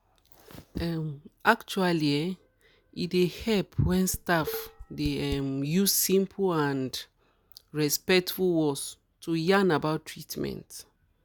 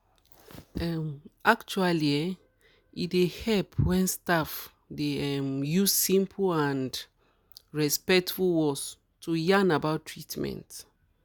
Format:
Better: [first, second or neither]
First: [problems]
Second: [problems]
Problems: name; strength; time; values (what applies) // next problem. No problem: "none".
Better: second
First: background sound (Dishes, pots, and pans); 11 dB below the speech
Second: none